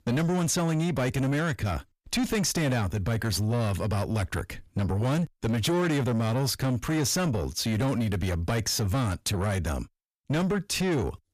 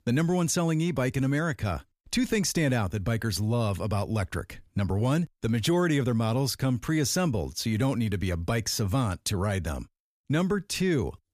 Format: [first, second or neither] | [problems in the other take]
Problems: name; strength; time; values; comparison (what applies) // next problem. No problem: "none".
second | distortion; slight; 10 dB below the speech